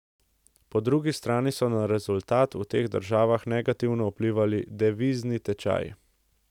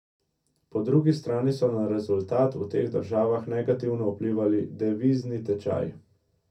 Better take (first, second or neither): first